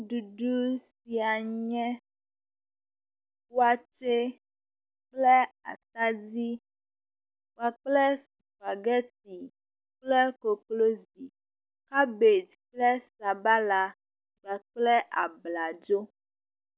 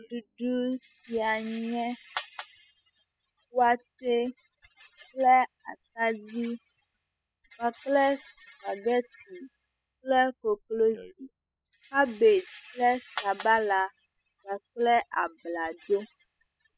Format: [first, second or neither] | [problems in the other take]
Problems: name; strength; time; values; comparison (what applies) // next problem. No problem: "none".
first | noise reduction (classical method spectral subtraction)